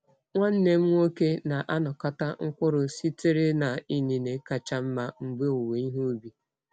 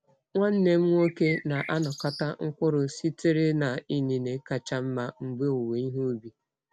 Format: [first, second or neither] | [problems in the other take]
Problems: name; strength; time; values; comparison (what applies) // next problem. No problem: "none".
first | background sound (Bird); 12 dB below the speech